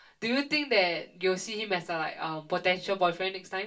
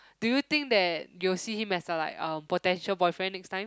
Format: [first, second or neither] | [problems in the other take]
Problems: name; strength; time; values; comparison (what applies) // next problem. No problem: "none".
second | room echo; dies away in 0.2 s